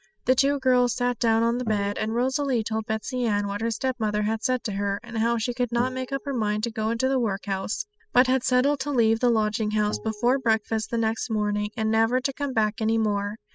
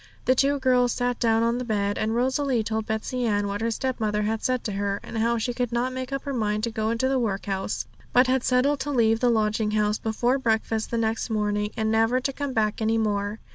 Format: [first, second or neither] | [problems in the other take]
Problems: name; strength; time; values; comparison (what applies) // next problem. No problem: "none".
second | noise reduction (classical method spectral subtraction)